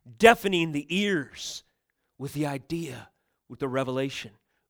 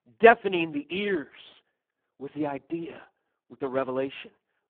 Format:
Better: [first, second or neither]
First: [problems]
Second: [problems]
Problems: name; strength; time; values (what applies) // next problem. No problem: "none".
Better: first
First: none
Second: phone-call audio; poor line